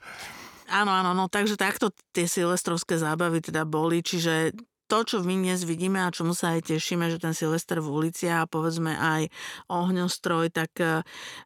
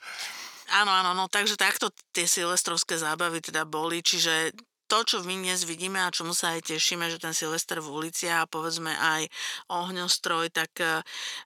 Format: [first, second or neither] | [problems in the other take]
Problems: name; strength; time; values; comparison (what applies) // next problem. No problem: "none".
first | thin; somewhat; fading below 950 Hz